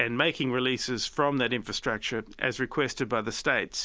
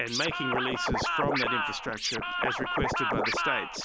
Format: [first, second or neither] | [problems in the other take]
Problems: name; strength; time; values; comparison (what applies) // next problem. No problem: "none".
first | background sound (Scratching (performance technique)); 3 dB above the speech